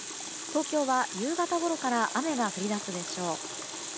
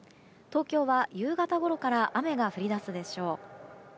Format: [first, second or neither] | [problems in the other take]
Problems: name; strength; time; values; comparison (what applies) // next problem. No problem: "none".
second | background sound (Water tap, faucet); 7 dB below the speech